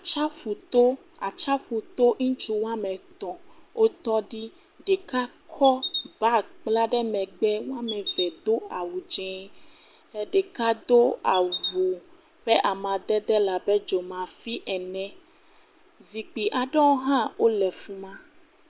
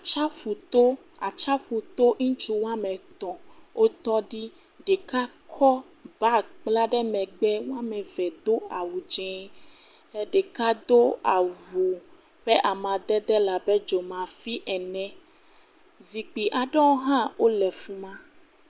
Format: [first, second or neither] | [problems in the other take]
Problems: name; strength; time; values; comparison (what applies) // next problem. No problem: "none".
second | background sound (Chirp, tweet); 10 dB below the speech